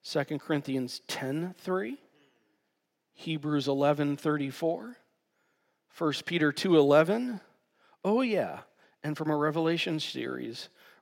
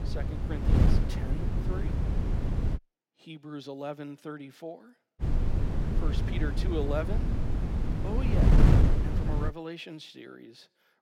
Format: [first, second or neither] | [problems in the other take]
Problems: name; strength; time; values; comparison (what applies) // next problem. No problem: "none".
first | wind noise on the microphone; heavy; until 3 s and from 5 to 9.5 s; 2 dB above the speech